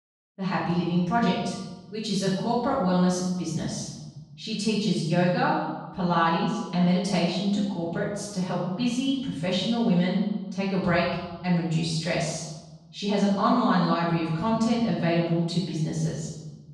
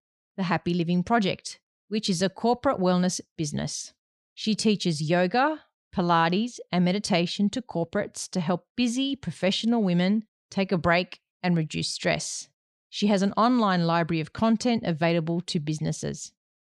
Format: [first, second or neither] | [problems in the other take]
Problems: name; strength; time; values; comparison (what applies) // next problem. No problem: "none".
second | room echo; noticeable; dies away in 1.1 s // off-mic speech; far